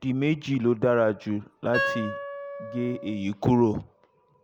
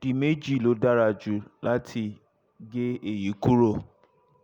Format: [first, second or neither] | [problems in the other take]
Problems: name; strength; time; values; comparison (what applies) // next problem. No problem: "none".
second | background sound (Wind instrument, woodwind instrument); 7 dB below the speech